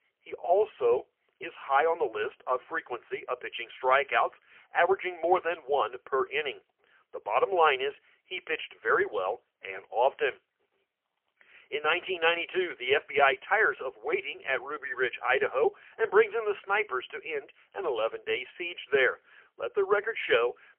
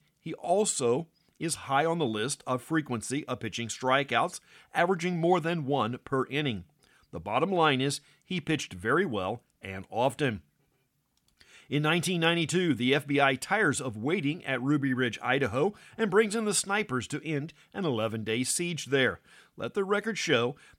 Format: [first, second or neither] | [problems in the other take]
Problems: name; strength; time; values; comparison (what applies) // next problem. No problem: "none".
second | phone-call audio; poor line; nothing above 3 kHz